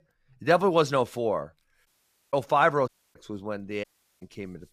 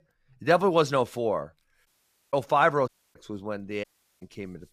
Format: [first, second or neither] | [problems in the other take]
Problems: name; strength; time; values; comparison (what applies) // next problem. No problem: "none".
neither | audio cutting out; at 2 s, at 3 s and at 4 s; the same in both